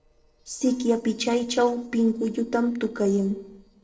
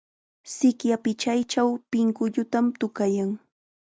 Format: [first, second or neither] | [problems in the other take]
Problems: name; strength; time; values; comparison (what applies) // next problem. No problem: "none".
second | noise reduction (neural separator model SepFormer DNS4)